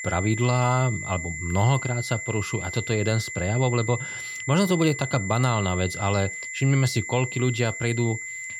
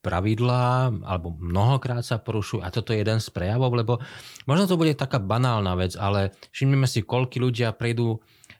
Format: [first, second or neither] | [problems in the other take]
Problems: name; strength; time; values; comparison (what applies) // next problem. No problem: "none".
second | high-pitched whine; loud; throughout; 2 kHz, 7 dB below the speech